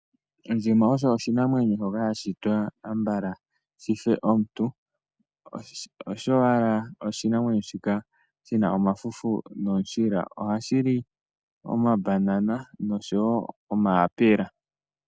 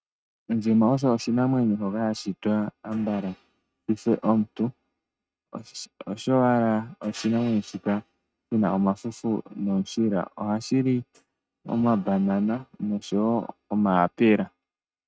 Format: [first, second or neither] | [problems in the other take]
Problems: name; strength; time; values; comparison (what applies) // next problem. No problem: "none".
first | noise reduction (neural mask model RNNoise)